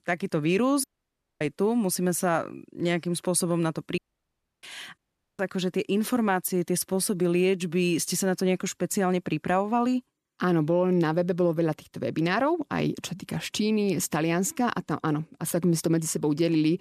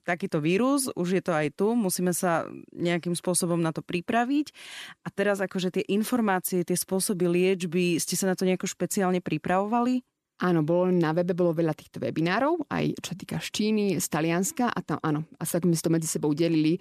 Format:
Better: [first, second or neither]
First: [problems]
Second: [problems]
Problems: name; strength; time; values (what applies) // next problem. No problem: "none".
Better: second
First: audio cutting out; at 1 s for 0.5 s, at 4 s for 0.5 s and at 5 s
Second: none